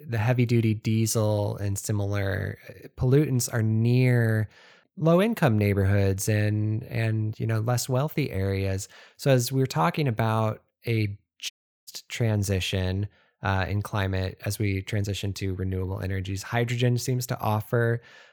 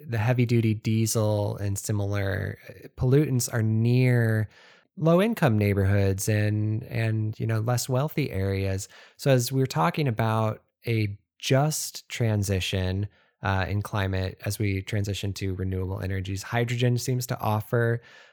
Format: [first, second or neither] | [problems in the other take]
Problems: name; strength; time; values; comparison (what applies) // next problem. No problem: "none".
second | audio cutting out; at 12 s